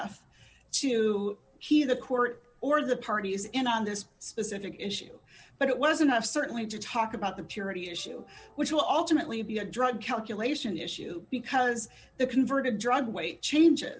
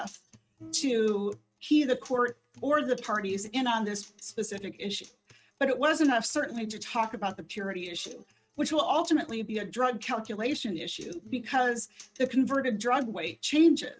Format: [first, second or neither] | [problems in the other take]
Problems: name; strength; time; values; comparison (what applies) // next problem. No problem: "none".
first | noise reduction (neural mask model RNNoise)